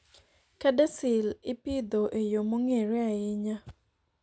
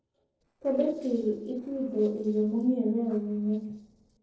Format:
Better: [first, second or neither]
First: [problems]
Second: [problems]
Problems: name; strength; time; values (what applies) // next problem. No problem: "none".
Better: first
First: none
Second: noise reduction (neural separator model SepFormer DNS4)